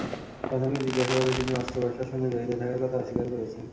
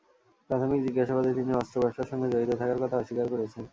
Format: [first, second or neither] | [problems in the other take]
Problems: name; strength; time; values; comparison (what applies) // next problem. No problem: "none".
second | background sound (Fireworks); 8 dB below the speech // room echo; dies away in 0.7 s